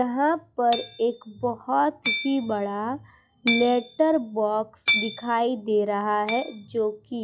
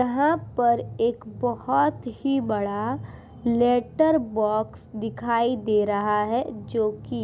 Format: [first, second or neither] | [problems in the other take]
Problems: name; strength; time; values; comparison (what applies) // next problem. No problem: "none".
second | noise reduction (classical method log-MMSE)